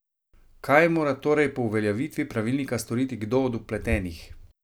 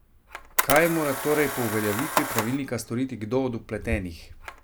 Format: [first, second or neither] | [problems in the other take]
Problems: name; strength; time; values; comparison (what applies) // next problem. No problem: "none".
first | background sound (Camera); 5 dB below the speech